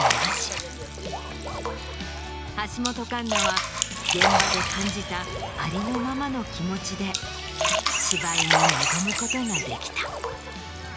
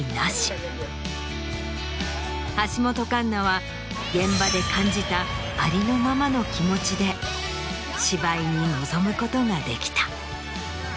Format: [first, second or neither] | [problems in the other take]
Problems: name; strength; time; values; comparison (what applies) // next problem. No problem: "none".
second | background sound (Splash, splatter + Chirp, tweet); 3 dB above the speech